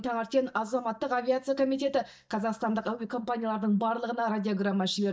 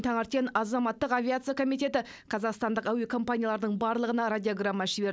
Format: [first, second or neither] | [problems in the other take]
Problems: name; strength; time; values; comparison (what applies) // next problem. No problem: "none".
second | noise reduction (neural mask model DeepFilterNet 3)